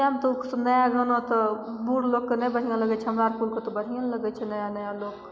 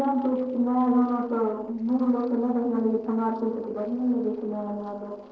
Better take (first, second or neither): first